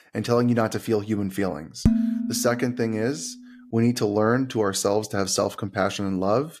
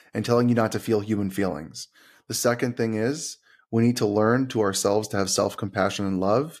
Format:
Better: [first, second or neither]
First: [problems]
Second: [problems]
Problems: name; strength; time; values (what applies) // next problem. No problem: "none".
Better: second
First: clattering dishes; loud; at 2 s; peak 2 dB above the speech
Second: none